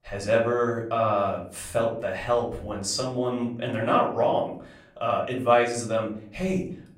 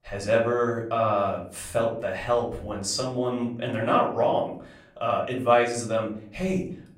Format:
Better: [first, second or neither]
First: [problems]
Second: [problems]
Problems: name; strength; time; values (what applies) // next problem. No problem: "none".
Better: neither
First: room echo; slight; dies away in 0.5 s // off-mic speech; far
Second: room echo; slight; dies away in 0.5 s // off-mic speech; far